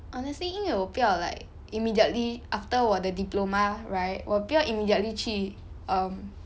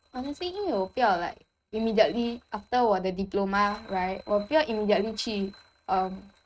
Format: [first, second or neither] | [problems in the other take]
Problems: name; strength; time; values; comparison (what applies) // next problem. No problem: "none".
first | noise reduction (neural mask model RNNoise)